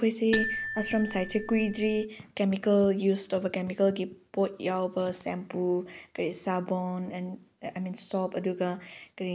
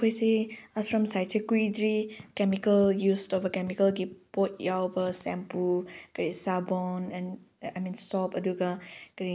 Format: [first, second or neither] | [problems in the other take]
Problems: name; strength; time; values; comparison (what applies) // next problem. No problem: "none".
second | background sound (Marimba, xylophone); 6 dB below the speech